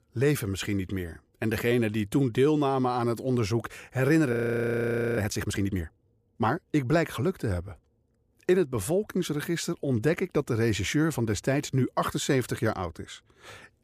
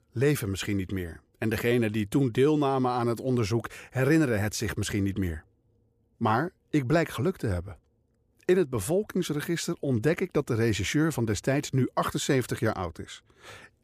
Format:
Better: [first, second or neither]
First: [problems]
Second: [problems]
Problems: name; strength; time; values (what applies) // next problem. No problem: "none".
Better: second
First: audio freezing; at 4.5 s for 1 s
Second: none